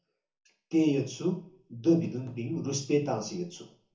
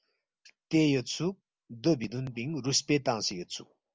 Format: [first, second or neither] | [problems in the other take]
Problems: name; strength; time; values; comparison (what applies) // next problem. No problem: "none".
second | room echo; dies away in 0.6 s